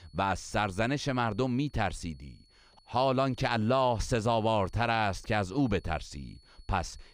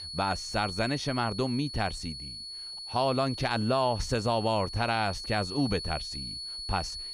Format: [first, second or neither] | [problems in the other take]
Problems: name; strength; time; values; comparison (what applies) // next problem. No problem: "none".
first | high-pitched whine; loud; throughout; 4.5 kHz, 7 dB below the speech; faint in the first